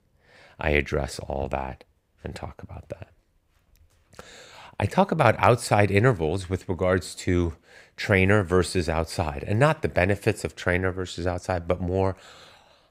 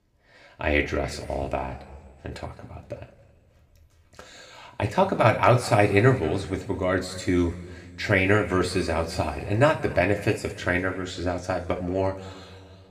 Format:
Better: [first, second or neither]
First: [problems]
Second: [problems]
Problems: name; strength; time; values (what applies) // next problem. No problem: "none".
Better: first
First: none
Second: room echo; slight; dies away in 1.6 s // off-mic speech; somewhat distant